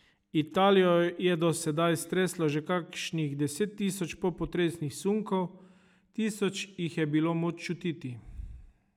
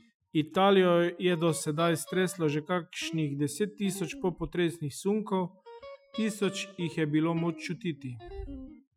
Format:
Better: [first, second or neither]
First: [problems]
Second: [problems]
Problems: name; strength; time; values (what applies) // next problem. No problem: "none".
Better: first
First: none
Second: noise reduction (classical method Wiener filter)